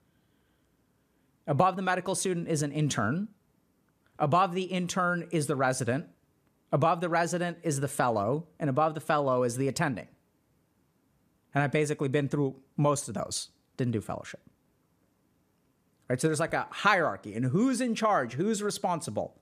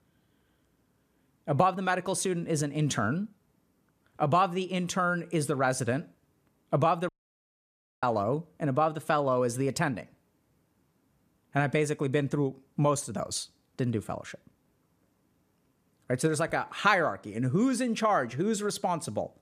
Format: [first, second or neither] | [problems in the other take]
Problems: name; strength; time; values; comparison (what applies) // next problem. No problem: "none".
first | audio cutting out; at 7 s for 1 s